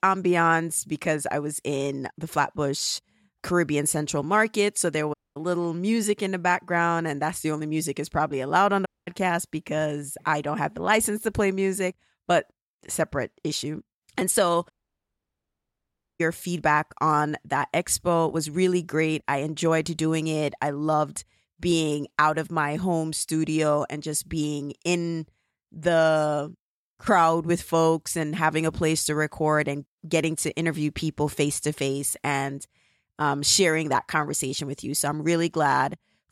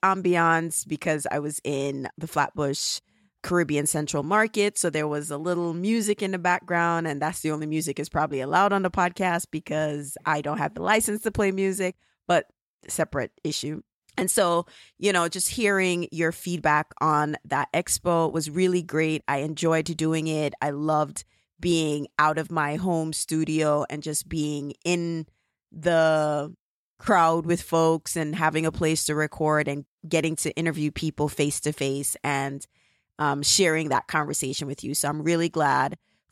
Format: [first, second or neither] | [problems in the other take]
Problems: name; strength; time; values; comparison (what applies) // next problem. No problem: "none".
second | audio cutting out; at 5 s, at 9 s and at 15 s for 1.5 s